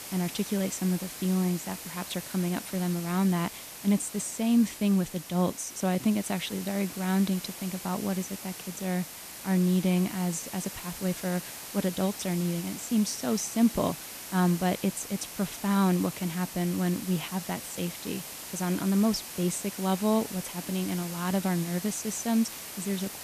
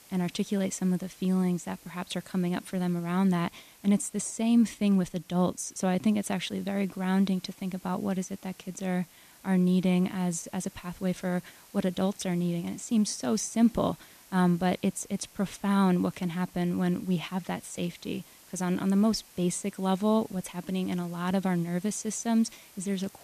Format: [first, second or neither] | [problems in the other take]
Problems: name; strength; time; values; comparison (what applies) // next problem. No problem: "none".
second | hiss; loud; throughout; 10 dB below the speech; faint in the second